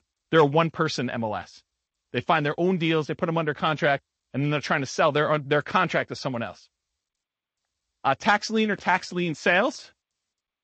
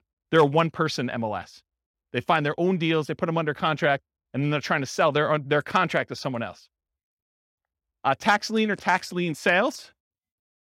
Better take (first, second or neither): second